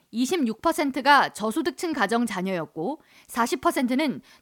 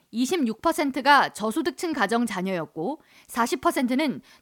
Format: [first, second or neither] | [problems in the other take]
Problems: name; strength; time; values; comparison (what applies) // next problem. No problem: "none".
neither | none